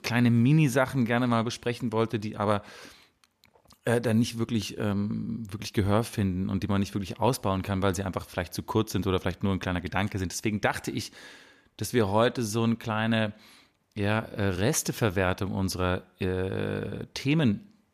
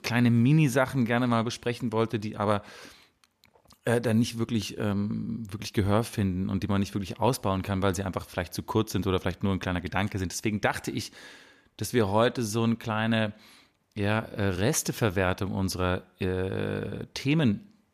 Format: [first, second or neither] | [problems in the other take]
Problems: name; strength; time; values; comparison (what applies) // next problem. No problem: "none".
neither | none